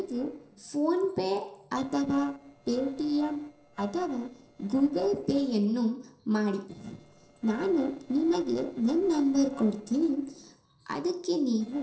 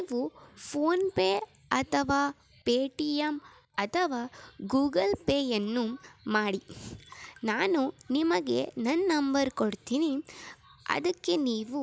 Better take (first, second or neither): second